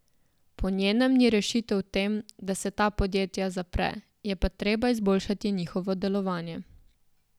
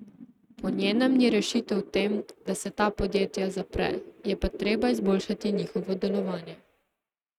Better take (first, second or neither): first